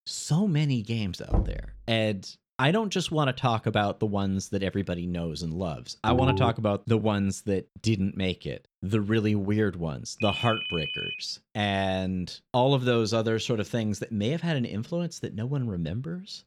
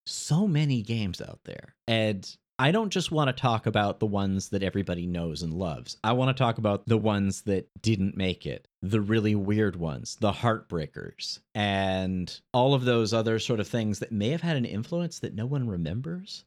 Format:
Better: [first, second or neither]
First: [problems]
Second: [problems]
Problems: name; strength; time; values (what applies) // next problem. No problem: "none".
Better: second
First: door banging; noticeable; at 1.5 s; peak 2 dB below the speech // phone ringing; loud; at 6 s; peak level with the speech // phone ringing; noticeable; at 10 s; peak 2 dB below the speech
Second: none